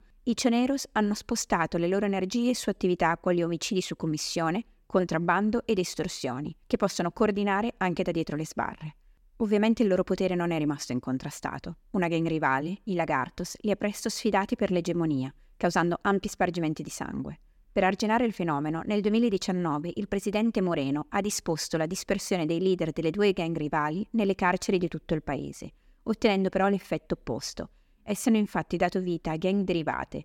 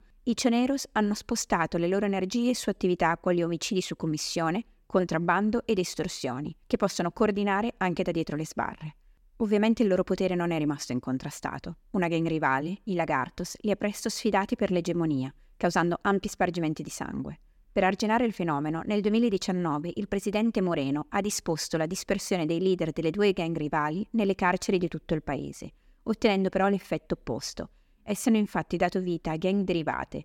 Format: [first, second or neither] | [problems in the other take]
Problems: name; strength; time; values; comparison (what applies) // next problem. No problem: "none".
neither | none